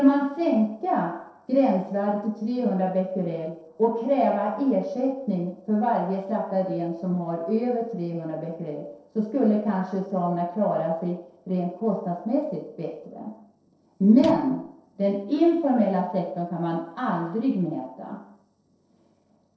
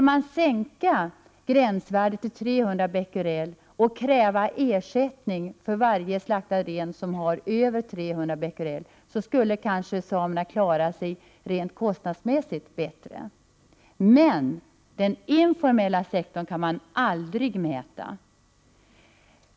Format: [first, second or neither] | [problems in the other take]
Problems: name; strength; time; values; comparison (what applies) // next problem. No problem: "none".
second | noise reduction (neural separator model SepFormer DNS4)